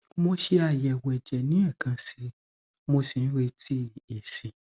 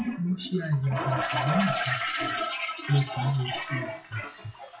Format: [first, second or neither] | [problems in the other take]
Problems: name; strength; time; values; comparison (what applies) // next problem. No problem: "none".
first | noise reduction (classical method WPE with log-MMSE)